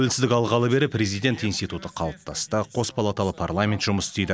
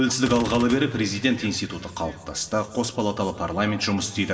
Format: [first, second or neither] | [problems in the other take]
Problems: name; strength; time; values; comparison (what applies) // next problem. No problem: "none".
first | background sound (Gunshot, gunfire); 18 dB below the speech // room echo; dies away in 1.6 s